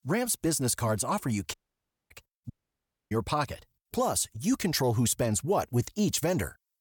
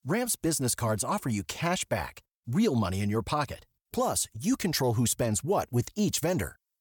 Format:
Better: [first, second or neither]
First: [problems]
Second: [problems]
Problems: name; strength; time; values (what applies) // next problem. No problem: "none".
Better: second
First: audio cutting out; at 1.5 s for 0.5 s and at 2.5 s for 0.5 s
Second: none